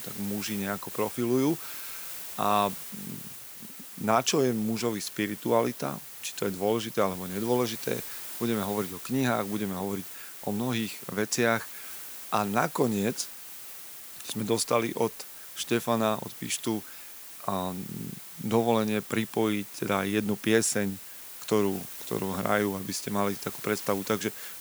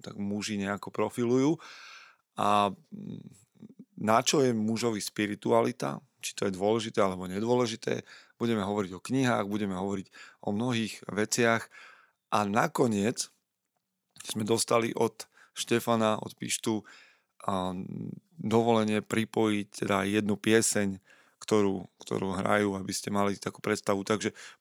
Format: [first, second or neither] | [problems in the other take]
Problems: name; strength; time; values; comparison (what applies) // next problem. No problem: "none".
second | hiss; loud; throughout; 10 dB below the speech